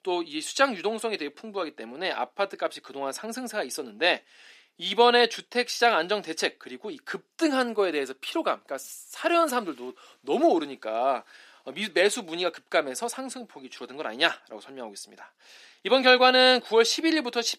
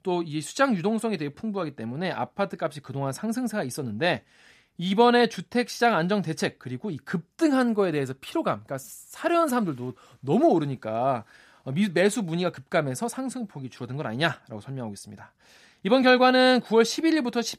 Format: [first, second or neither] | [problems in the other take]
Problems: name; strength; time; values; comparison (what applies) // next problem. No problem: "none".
second | thin; somewhat; fading below 300 Hz